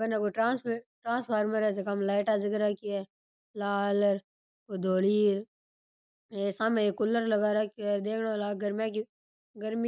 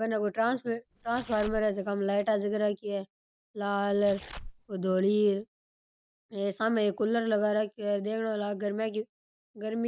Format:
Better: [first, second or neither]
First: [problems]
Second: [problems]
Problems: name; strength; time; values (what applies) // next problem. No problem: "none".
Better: first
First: none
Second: background sound (Tearing); 17 dB below the speech